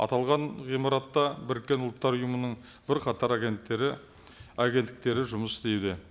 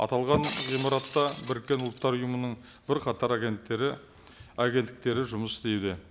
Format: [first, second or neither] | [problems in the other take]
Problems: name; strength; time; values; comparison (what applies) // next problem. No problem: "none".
first | background sound (Shatter); 10 dB below the speech